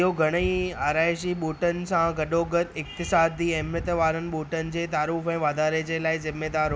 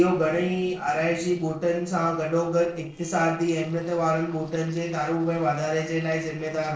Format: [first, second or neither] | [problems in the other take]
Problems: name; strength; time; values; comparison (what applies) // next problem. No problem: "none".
first | noise reduction (neural separator model SepFormer DNS4)